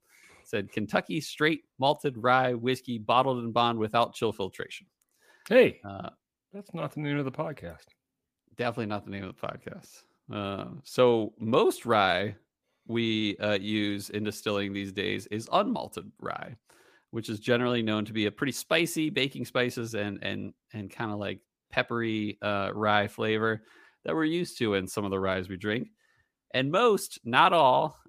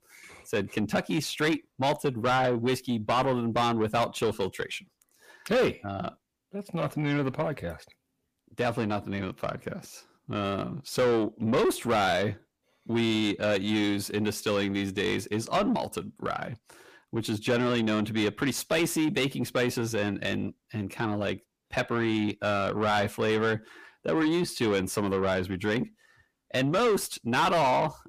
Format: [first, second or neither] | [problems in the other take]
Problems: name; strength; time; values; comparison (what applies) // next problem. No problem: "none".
first | distortion; heavy; 6 dB below the speech